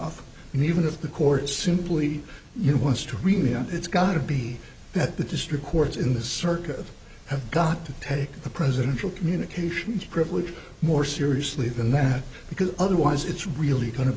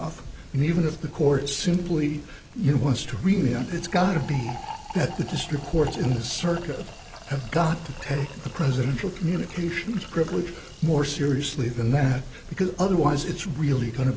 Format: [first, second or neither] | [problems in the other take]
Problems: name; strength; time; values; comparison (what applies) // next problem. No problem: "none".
first | background sound (Fill (with liquid)); 19 dB below the speech